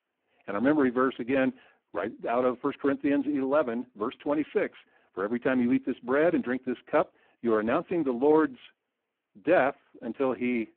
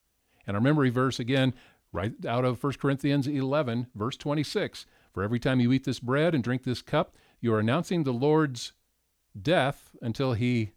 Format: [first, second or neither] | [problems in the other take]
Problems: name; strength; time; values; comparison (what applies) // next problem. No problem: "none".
second | phone-call audio; poor line